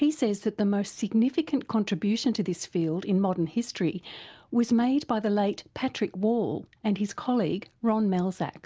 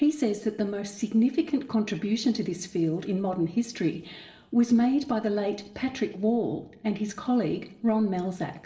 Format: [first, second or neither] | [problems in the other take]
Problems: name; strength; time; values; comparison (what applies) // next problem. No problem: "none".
first | room echo; dies away in 0.9 s